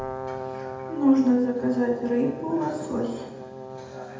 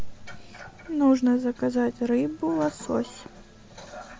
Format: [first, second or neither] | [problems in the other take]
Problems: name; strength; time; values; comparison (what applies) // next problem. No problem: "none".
second | background sound (Brass instrument); 11 dB below the speech // room echo; dies away in 0.8 s